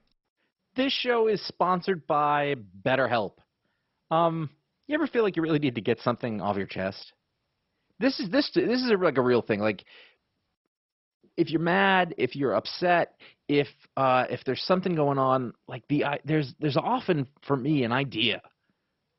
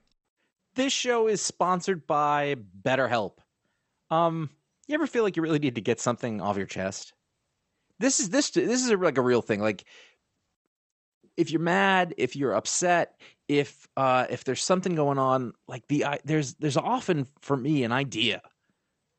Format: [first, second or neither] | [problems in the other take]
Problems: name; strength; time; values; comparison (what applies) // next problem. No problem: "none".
second | garbled, watery; badly; nothing above 5.5 kHz; slightly in the second